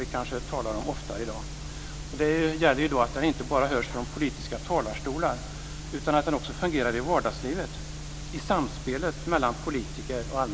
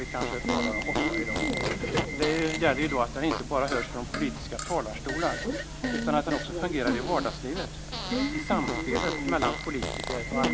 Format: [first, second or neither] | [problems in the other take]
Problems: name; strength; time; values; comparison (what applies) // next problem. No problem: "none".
first | background sound (Subway, metro, underground / Alarm + Fart); 1 dB below the speech